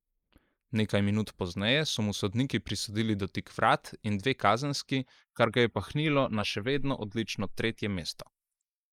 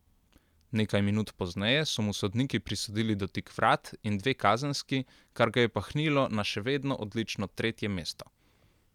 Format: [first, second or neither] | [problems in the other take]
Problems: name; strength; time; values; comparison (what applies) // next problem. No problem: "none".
second | noise reduction (neural mask model Resemble Enhance denoiser)